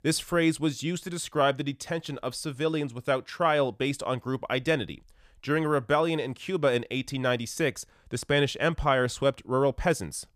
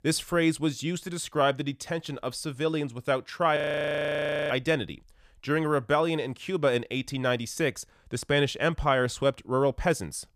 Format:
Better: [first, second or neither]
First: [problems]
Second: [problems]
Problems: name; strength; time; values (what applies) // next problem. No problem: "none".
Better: first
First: none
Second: audio freezing; at 3.5 s for 1 s